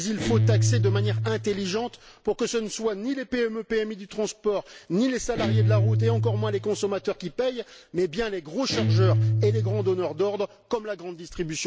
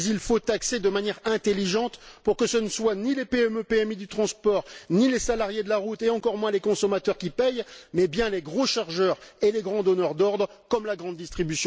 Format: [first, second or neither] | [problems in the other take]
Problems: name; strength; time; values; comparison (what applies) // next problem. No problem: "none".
second | background sound (Guitar); 2 dB above the speech